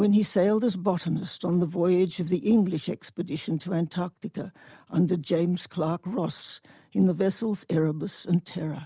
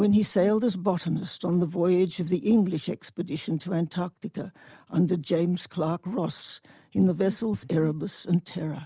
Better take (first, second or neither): first